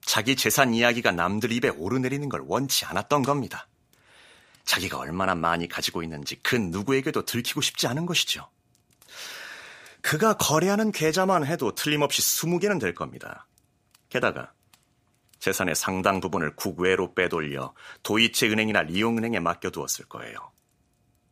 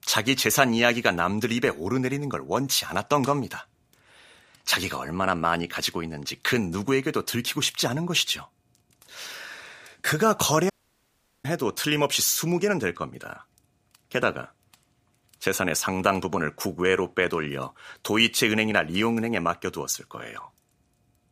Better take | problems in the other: first | audio cutting out; at 11 s for 0.5 s

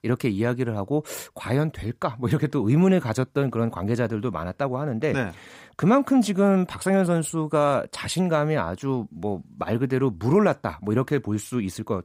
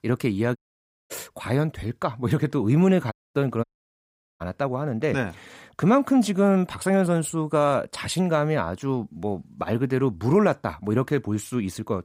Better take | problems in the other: first | audio cutting out; at 0.5 s for 0.5 s, at 3 s and at 3.5 s for 1 s

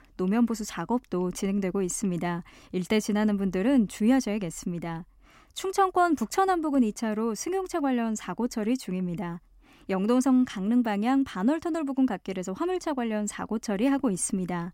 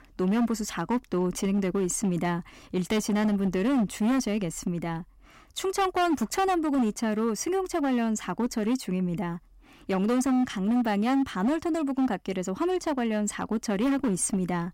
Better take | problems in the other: first | distortion; slight; 13% of the sound clipped

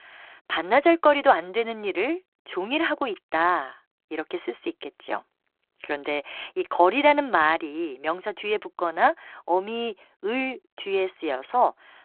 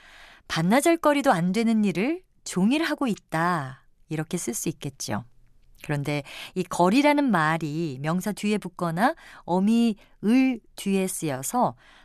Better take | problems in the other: second | phone-call audio

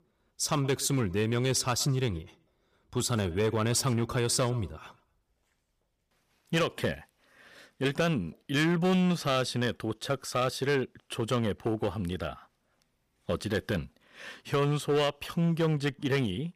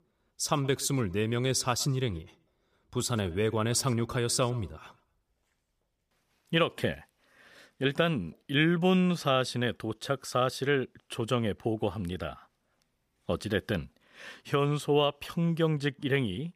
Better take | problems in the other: second | distortion; slight; 5% of the sound clipped

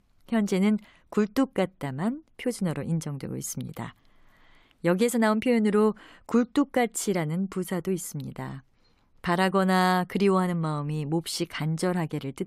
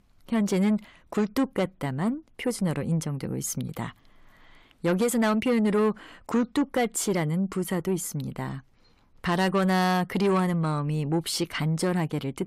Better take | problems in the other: first | distortion; slight; 10 dB below the speech

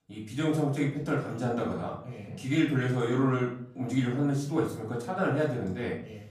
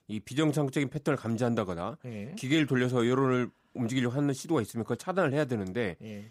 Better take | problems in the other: second | off-mic speech; far // room echo; noticeable; dies away in 0.5 s

